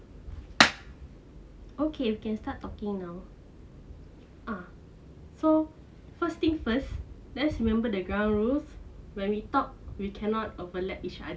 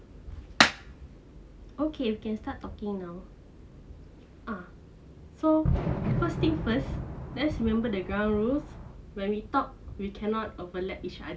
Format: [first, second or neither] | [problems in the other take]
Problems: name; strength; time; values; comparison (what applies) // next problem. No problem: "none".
first | background sound (Fireworks); 1 dB below the speech